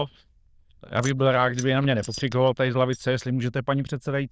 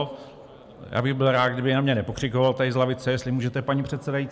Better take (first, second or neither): second